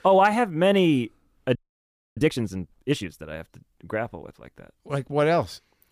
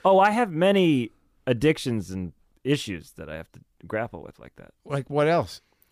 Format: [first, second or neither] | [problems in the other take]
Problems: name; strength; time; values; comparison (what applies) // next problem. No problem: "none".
second | audio freezing; at 1.5 s for 0.5 s